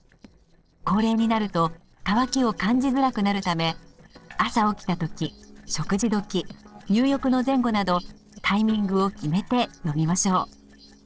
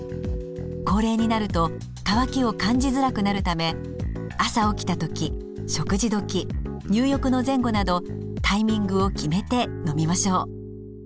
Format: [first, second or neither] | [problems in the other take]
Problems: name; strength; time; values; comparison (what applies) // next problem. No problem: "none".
second | noise reduction (neural separator model SepFormer DNS4)